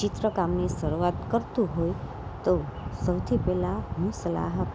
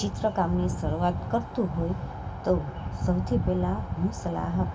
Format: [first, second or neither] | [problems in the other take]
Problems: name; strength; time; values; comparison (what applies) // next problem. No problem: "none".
first | room echo; dies away in 2.8 s